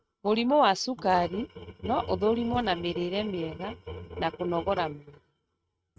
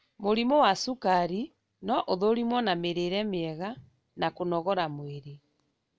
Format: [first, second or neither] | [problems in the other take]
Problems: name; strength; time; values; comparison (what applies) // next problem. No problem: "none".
second | noise reduction (neural mask model RNNoise)